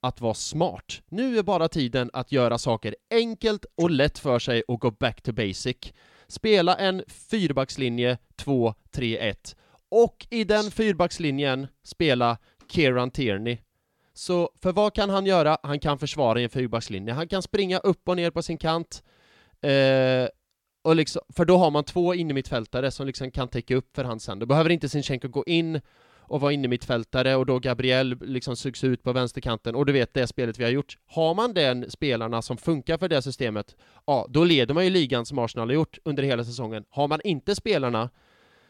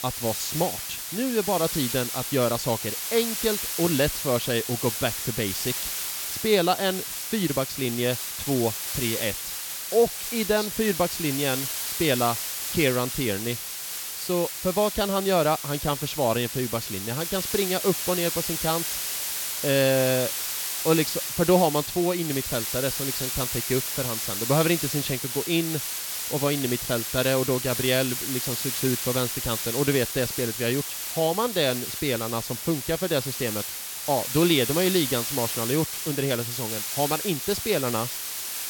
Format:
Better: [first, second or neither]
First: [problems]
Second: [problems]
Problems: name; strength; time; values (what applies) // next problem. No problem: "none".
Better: first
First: none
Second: hiss; loud; throughout; 2 dB below the speech